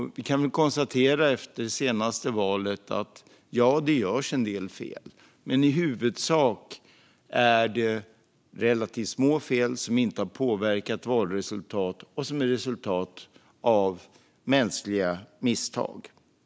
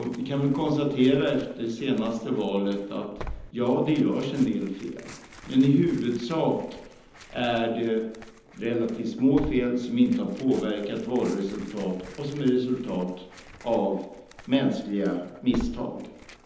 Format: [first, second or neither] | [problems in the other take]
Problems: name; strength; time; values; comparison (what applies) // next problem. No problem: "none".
first | background sound (Tearing); 18 dB below the speech // room echo; dies away in 0.9 s